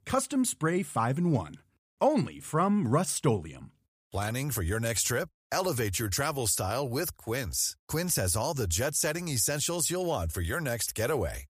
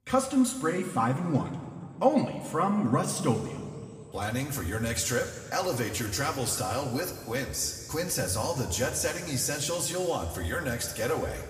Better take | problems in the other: first | room echo; slight; dies away in 2 s // off-mic speech; somewhat distant

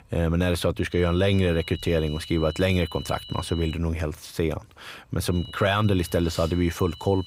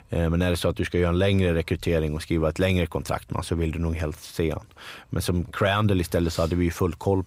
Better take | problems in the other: second | high-pitched whine; noticeable; from 1 to 4 s and from 5.5 s on; 3 kHz, 15 dB below the speech

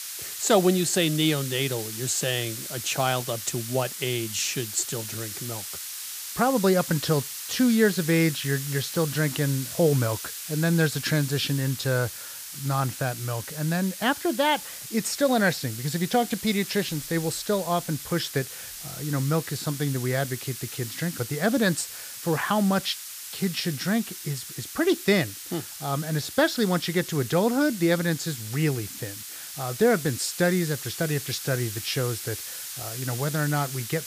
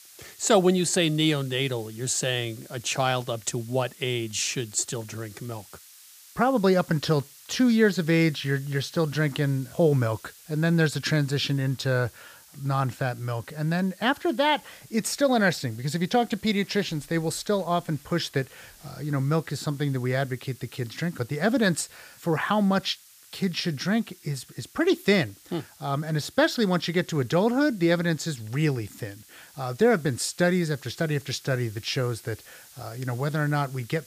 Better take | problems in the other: second | hiss; loud; throughout; 8 dB below the speech; faint in the second

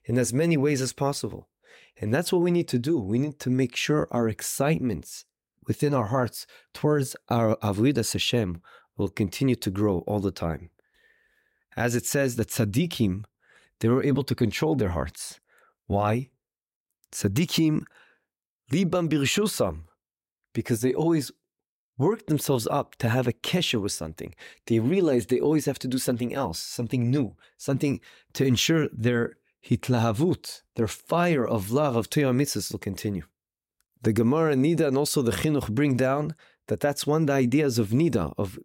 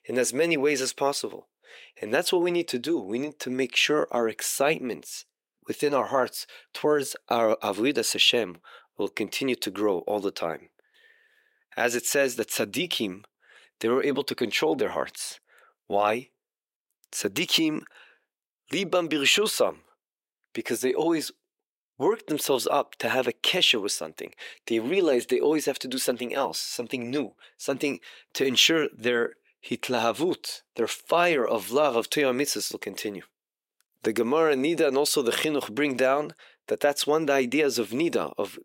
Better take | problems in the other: first | thin; somewhat; fading below 450 Hz

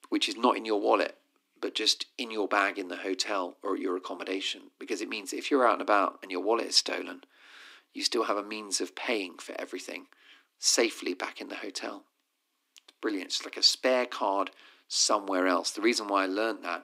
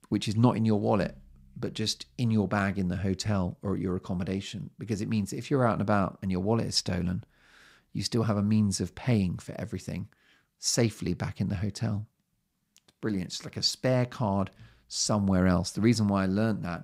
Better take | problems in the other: second | thin; somewhat; fading below 250 Hz

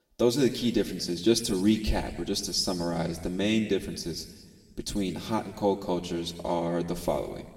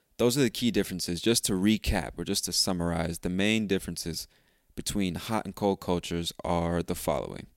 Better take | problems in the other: second | room echo; slight; dies away in 1.6 s // off-mic speech; somewhat distant

